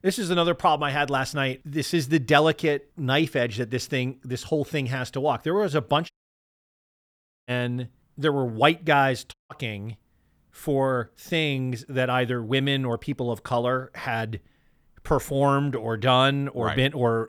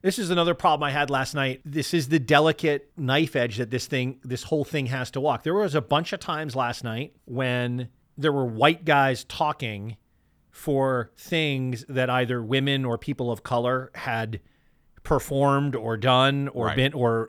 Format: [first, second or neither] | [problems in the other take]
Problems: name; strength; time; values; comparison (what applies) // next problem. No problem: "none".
second | audio cutting out; at 6 s for 1.5 s and at 9.5 s